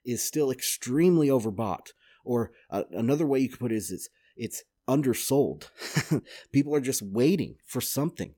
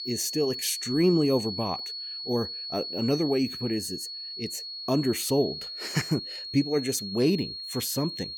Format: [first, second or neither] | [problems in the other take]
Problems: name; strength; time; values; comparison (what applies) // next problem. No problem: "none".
first | high-pitched whine; loud; throughout; 4.5 kHz, 6 dB below the speech